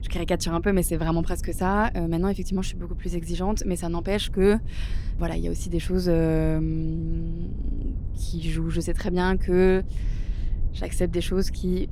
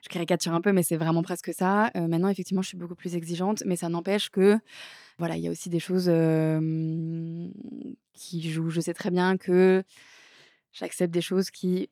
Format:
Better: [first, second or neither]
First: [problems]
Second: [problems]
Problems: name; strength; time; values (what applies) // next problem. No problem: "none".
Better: second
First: low rumble; faint; throughout; 20 dB below the speech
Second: none